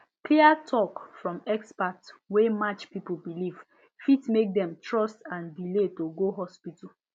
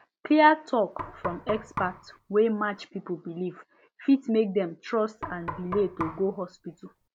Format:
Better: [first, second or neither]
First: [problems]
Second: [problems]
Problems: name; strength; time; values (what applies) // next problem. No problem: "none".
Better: first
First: none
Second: background sound (Knock); 12 dB below the speech